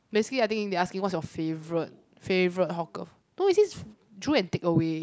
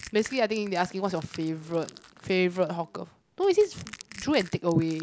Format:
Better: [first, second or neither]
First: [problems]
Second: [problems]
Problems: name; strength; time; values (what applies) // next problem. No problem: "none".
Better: first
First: none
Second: background sound (Crushing); 20 dB below the speech